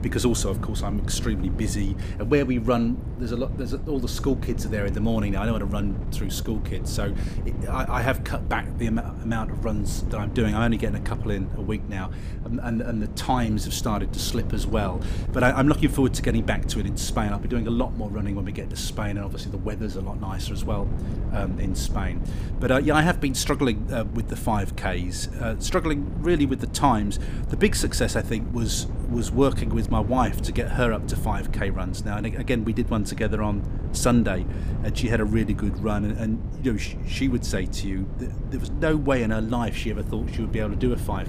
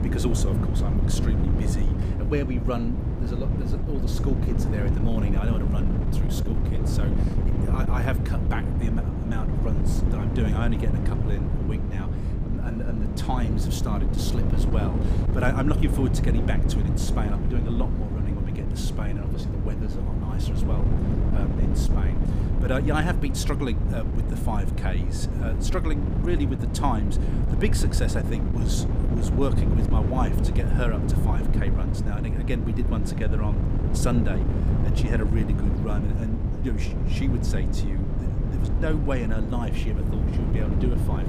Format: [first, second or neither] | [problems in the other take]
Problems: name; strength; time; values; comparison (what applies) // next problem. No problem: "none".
first | wind noise on the microphone; heavy; 2 dB below the speech; occasional gusts in the first